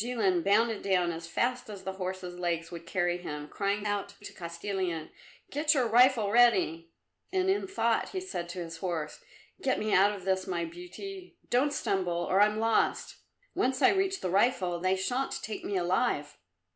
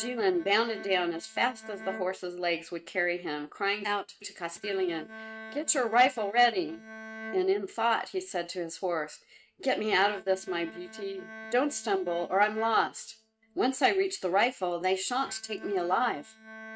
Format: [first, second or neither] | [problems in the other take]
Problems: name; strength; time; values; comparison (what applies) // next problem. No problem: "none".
first | noise reduction (neural mask model RNNoise)